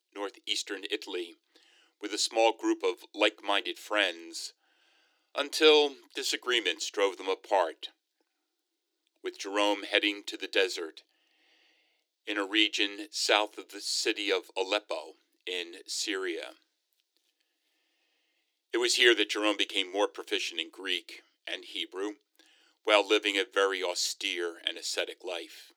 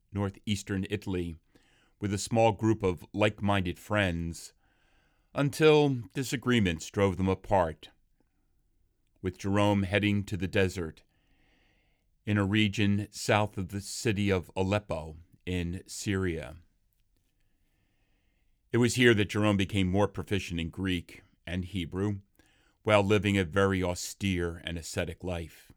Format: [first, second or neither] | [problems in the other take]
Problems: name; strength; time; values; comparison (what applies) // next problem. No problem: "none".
second | thin; very; fading below 300 Hz